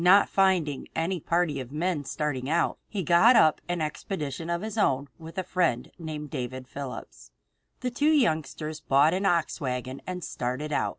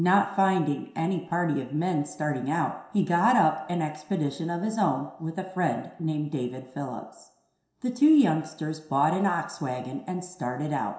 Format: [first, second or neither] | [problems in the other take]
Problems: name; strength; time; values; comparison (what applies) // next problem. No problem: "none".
first | room echo; dies away in 0.7 s